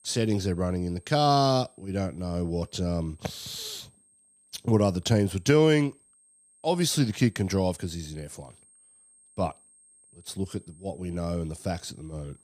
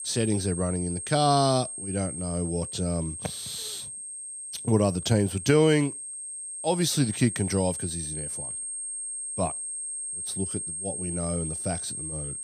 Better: first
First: high-pitched whine; faint; throughout; 8.5 kHz, 30 dB below the speech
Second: high-pitched whine; loud; throughout; 8.5 kHz, 6 dB below the speech

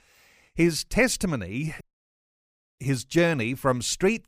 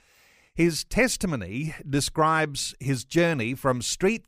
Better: second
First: audio cutting out; at 2 s for 1 s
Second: none

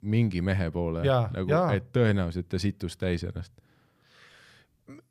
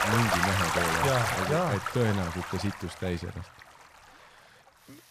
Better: first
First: none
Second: rain or running water; very loud; throughout; 1 dB above the speech

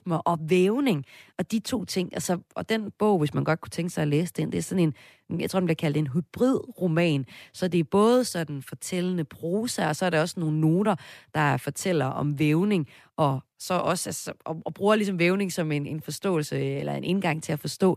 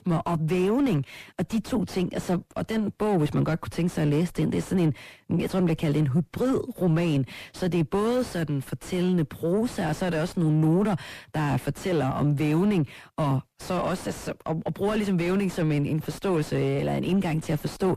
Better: first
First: none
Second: distortion; heavy; 5 dB below the speech

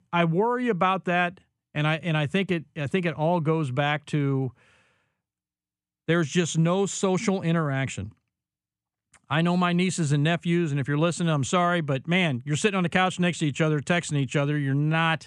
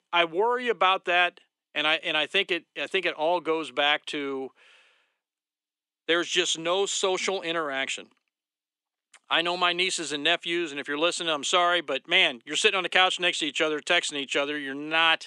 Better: first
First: none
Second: thin; very; fading below 350 Hz

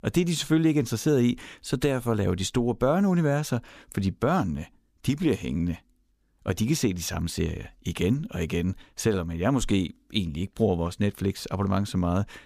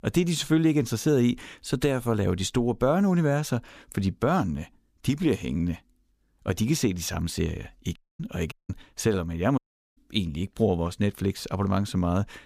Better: first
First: none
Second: audio cutting out; at 8 s, at 8.5 s and at 9.5 s

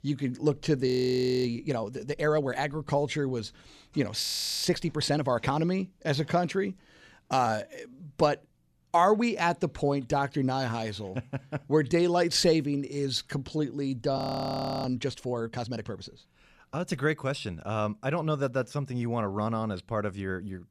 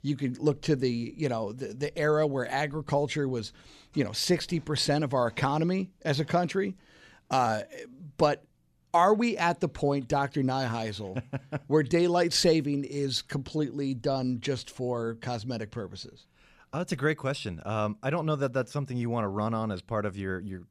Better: second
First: audio freezing; at 1 s for 0.5 s, at 4 s and at 14 s for 0.5 s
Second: none

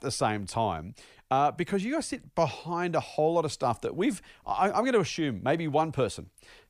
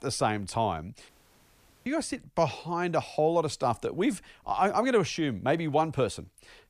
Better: first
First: none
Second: audio cutting out; at 1 s for 1 s

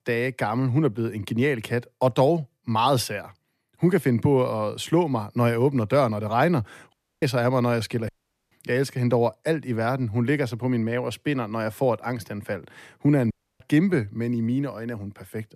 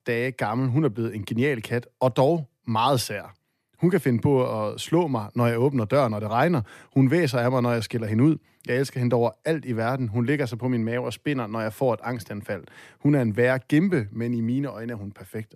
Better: second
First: audio cutting out; at 7 s, at 8 s and at 13 s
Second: none

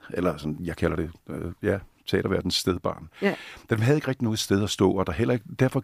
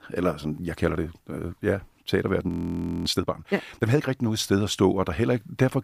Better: first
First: none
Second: audio freezing; at 2.5 s for 0.5 s

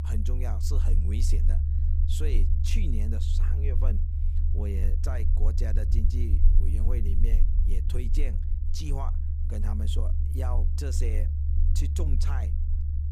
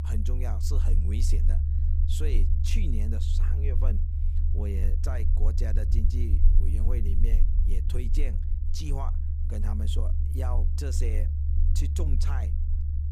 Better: neither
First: low rumble; loud; throughout; 4 dB below the speech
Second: low rumble; loud; throughout; 4 dB below the speech

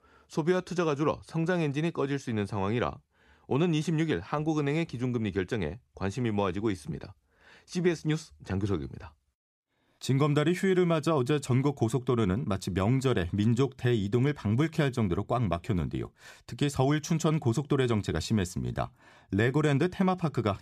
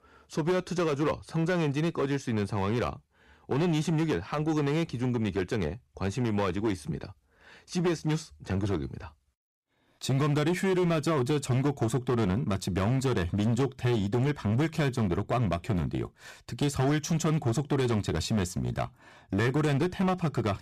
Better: first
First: none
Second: distortion; slight; 12% of the sound clipped

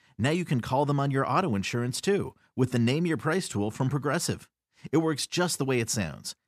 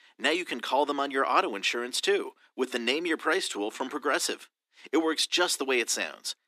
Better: first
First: none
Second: thin; somewhat; fading below 300 Hz

